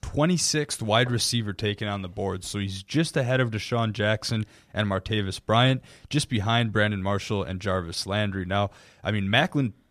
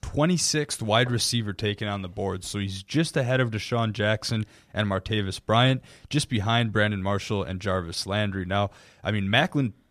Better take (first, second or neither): neither